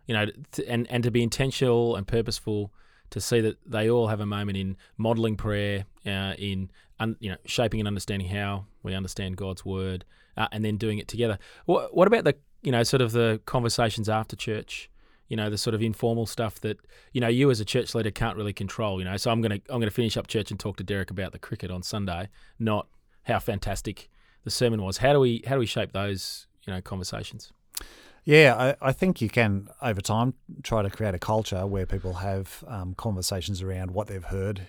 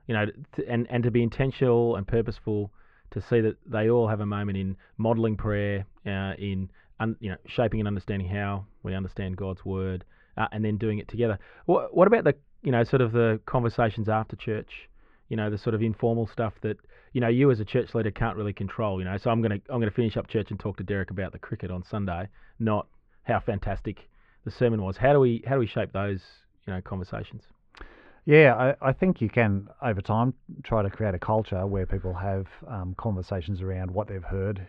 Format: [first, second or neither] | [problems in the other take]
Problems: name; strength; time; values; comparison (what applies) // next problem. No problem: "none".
first | muffled; very; fading above 2 kHz